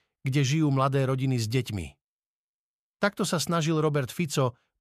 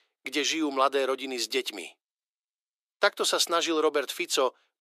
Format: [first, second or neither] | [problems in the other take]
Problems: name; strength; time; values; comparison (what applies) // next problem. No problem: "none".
first | thin; very; fading below 300 Hz